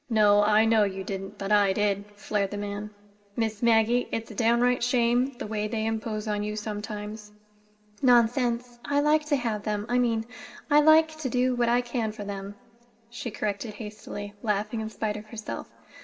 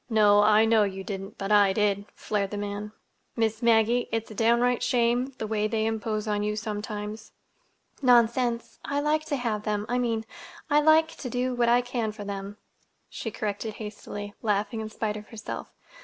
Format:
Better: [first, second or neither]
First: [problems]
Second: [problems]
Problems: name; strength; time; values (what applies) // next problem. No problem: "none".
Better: second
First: room echo; dies away in 2 s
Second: none